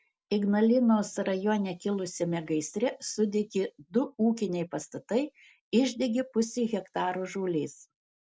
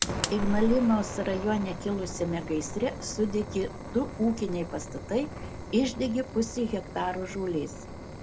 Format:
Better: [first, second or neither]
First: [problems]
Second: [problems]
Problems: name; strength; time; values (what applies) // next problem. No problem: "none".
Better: first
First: none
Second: background sound (Fire); 6 dB below the speech